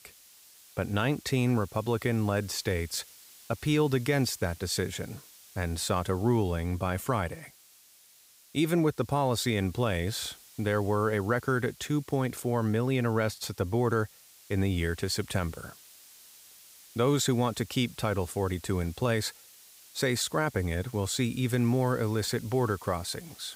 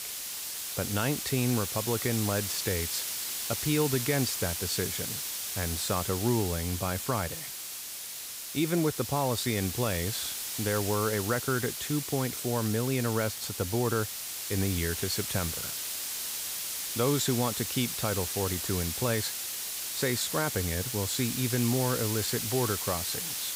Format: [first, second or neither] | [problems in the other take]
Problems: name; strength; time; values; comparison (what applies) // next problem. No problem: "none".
first | hiss; loud; throughout; 2 dB below the speech; faint in the first